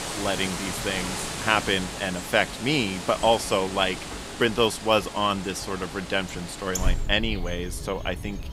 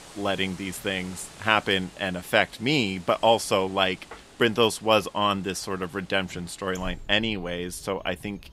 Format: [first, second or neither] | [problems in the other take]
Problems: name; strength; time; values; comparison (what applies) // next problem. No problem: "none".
second | animal sounds; loud; throughout; 8 dB below the speech; faint in the second